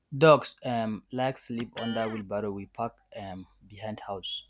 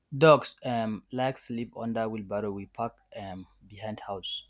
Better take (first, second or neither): second